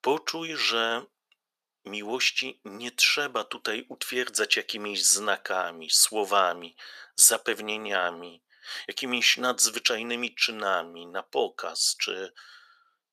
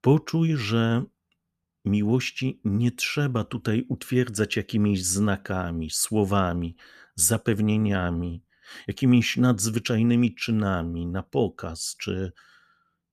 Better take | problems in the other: second | thin; very; fading below 550 Hz

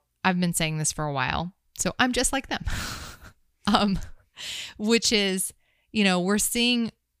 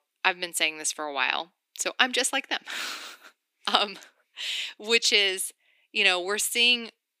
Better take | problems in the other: first | thin; somewhat; fading below 300 Hz

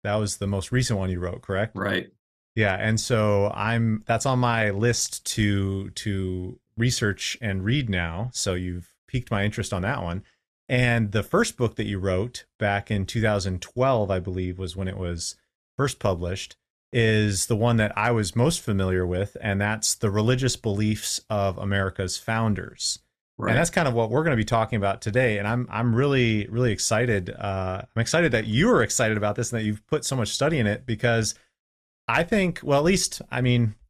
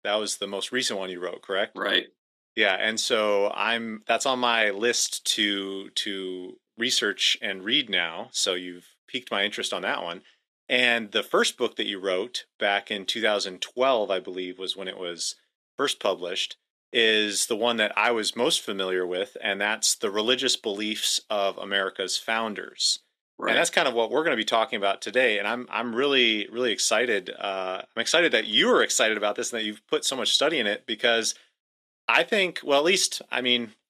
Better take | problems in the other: first | thin; somewhat; fading below 300 Hz

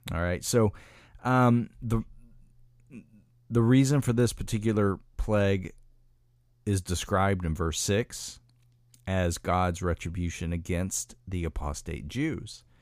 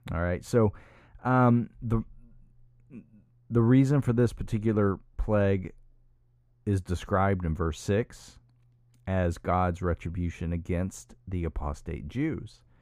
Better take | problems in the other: first | muffled; slightly; fading above 2.5 kHz

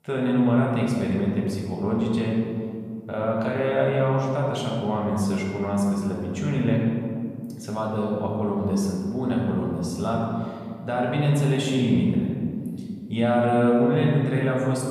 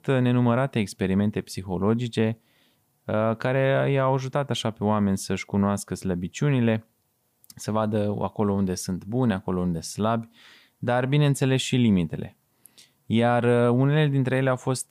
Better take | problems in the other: second | room echo; noticeable; dies away in 2.2 s // off-mic speech; far

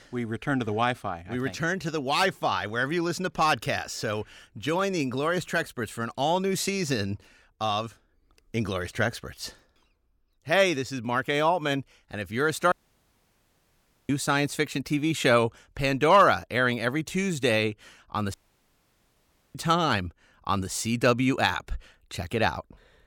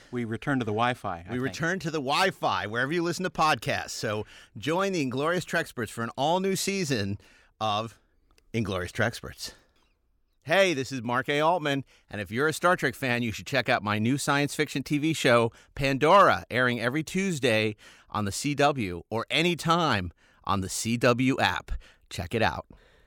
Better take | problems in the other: second | audio cutting out; at 13 s for 1.5 s and at 18 s for 1 s

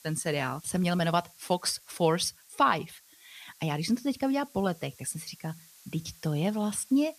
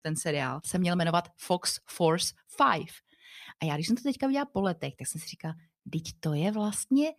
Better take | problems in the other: second | hiss; faint; throughout; 25 dB below the speech

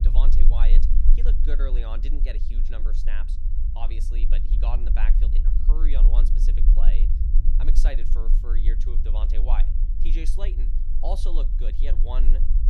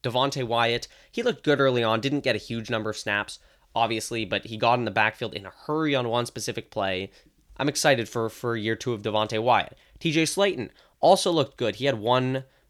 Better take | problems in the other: second | low rumble; loud; throughout; 7 dB below the speech

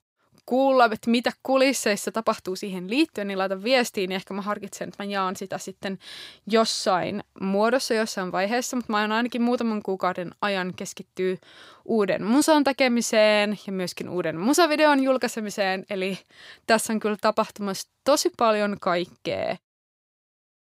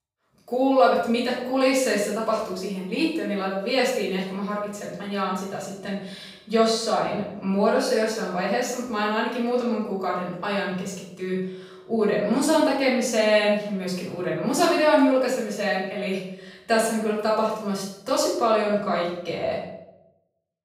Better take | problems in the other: first | off-mic speech; far // room echo; noticeable; dies away in 0.7 s

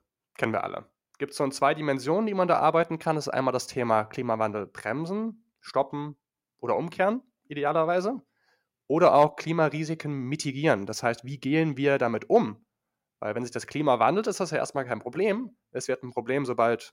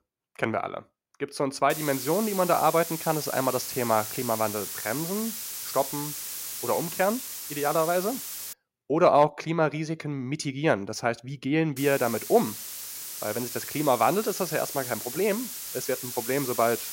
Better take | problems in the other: first | hiss; loud; from 1.5 to 8.5 s and from 12 s on; 6 dB below the speech

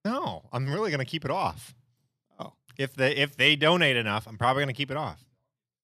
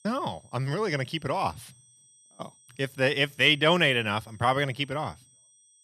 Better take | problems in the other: first | high-pitched whine; faint; throughout; 8.5 kHz, 30 dB below the speech

